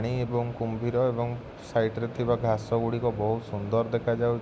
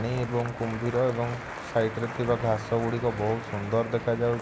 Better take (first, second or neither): first